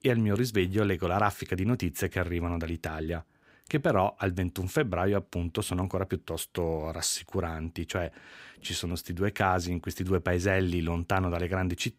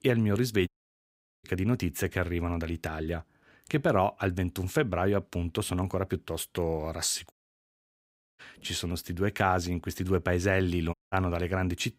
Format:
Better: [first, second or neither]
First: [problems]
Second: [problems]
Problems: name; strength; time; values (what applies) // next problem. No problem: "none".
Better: first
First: none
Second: audio cutting out; at 0.5 s for 0.5 s, at 7.5 s for 1 s and at 11 s